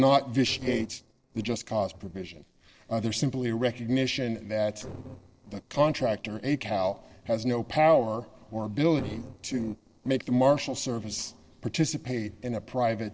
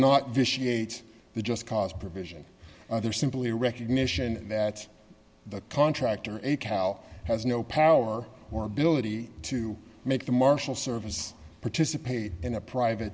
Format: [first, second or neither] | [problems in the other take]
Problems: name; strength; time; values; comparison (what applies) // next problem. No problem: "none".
second | noise reduction (neural separator model SepFormer DNS4)